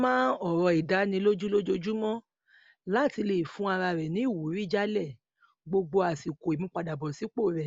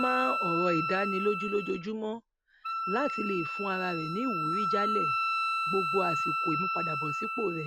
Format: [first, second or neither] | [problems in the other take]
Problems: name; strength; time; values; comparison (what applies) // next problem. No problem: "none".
first | background sound (Wind instrument, woodwind instrument); 1 dB above the speech